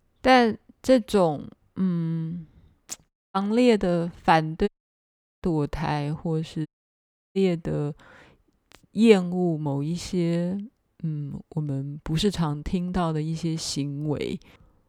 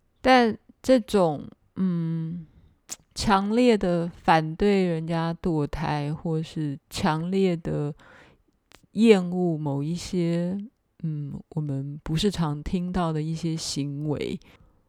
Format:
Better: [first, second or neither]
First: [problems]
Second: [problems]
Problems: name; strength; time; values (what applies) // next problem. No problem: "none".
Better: second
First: audio cutting out; at 3 s, at 4.5 s for 0.5 s and at 6.5 s for 0.5 s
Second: none